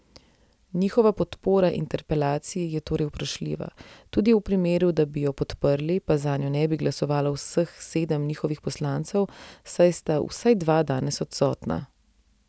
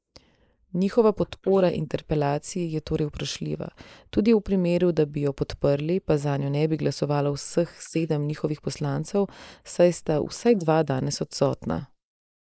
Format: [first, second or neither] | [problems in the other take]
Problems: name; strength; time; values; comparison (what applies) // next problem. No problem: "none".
first | noise reduction (neural mask model Resemble Enhance denoiser)